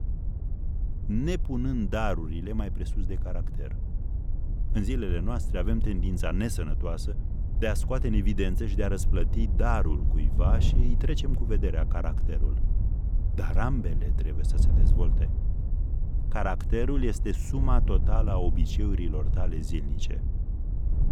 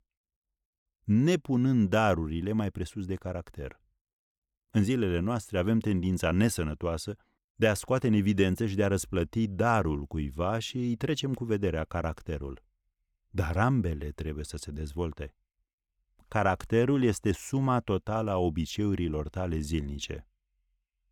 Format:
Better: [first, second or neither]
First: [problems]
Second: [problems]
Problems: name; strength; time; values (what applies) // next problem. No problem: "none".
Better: second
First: wind noise on the microphone; occasional gusts; 10 dB below the speech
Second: none